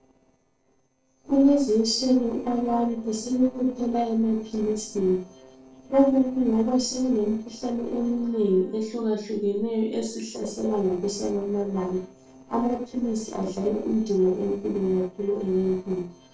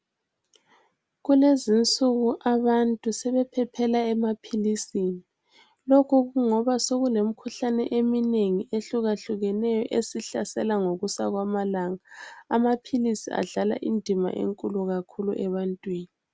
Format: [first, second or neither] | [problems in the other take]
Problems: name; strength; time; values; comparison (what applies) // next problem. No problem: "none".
second | noise reduction (neural separator model SepFormer DNS4)